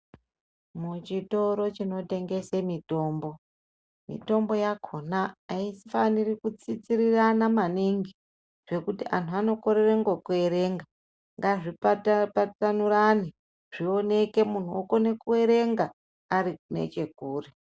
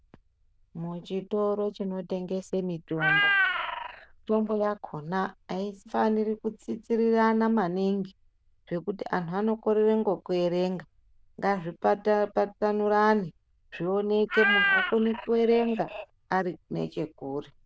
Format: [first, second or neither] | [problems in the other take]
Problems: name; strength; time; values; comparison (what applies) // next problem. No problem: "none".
first | noise reduction (neural diffusion model UNIVERSE++)